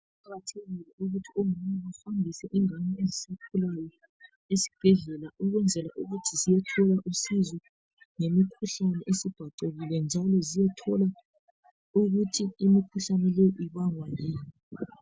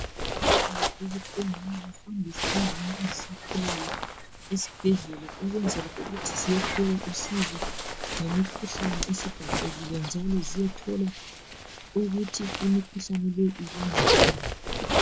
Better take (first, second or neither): first